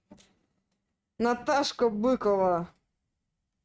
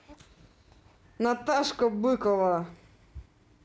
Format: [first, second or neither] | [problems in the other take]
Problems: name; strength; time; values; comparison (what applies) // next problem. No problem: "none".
second | noise reduction (neural mask model RNNoise)